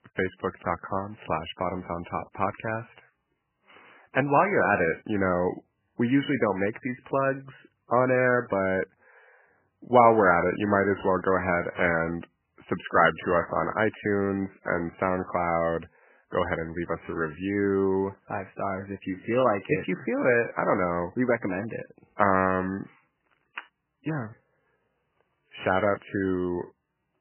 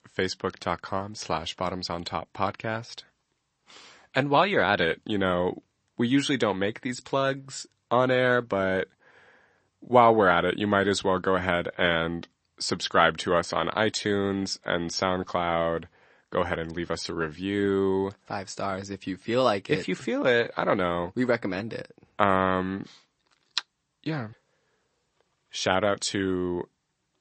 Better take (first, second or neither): second